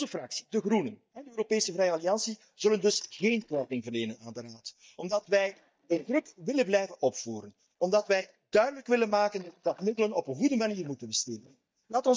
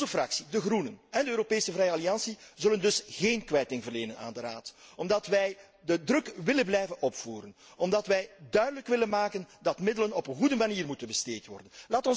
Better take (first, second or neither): second